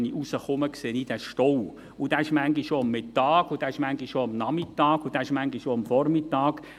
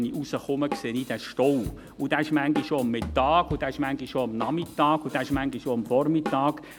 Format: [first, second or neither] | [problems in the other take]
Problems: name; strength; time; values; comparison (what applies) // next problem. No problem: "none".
first | background sound (Drum kit); 13 dB below the speech